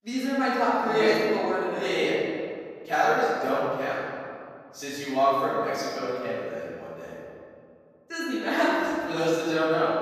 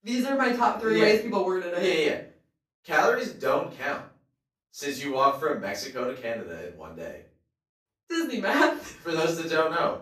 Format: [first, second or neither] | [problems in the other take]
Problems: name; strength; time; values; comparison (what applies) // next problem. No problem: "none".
second | room echo; strong; dies away in 2.2 s; slight in the second // off-mic speech; far; far in the second